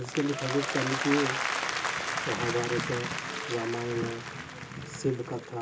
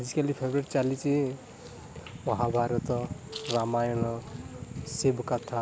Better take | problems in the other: second | background sound (Applause); 2 dB below the speech // room echo; dies away in 0.2 s

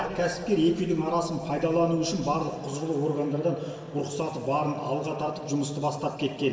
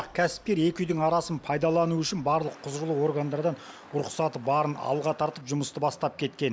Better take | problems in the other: second | room echo; dies away in 1.8 s

